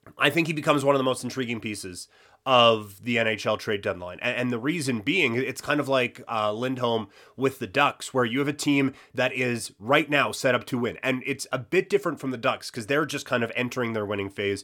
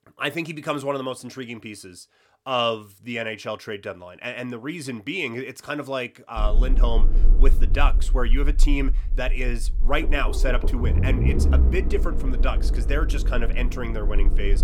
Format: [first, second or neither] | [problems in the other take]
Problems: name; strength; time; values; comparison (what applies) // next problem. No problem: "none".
first | low rumble; loud; from 6.5 s on; 10 dB below the speech